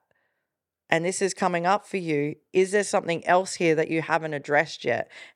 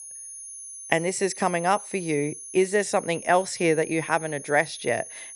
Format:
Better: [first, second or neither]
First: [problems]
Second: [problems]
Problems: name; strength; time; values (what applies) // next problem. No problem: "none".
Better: first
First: none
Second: high-pitched whine; noticeable; throughout; 10 kHz, 15 dB below the speech